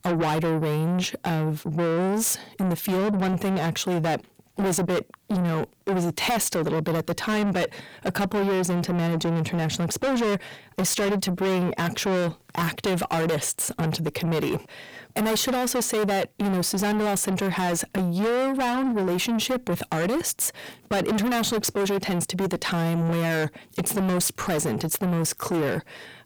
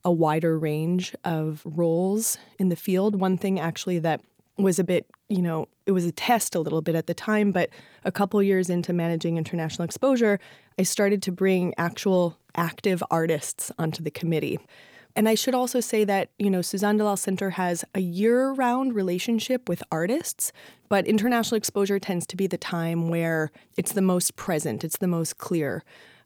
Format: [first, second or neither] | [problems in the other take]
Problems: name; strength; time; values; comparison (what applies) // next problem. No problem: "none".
second | distortion; heavy; 6 dB below the speech